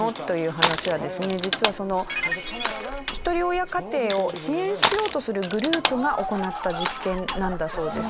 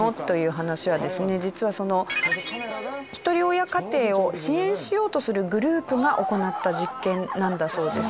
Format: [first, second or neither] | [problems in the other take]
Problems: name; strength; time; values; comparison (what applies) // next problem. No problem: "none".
second | background sound (Crushing); 5 dB below the speech